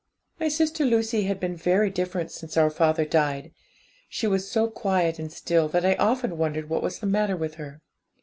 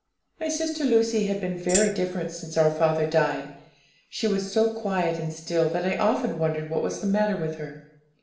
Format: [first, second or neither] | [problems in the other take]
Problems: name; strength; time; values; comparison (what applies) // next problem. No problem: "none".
first | background sound (Tambourine); 5 dB below the speech // room echo; dies away in 0.7 s